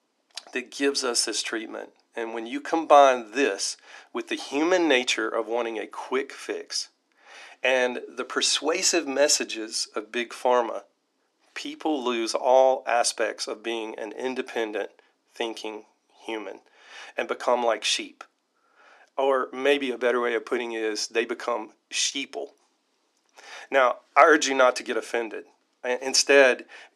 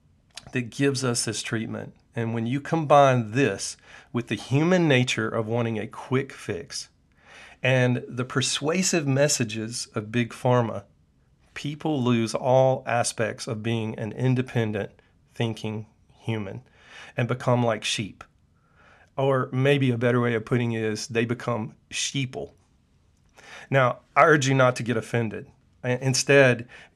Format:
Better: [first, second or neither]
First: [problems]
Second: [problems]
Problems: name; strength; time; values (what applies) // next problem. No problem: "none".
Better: second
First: thin; somewhat; fading below 300 Hz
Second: none